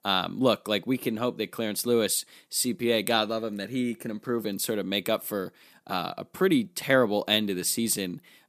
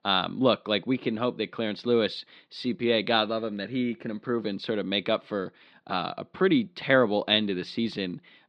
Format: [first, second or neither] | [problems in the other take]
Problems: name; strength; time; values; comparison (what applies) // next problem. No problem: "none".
first | muffled; slightly; fading above 4 kHz